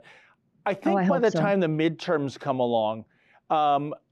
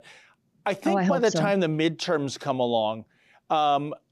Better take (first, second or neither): second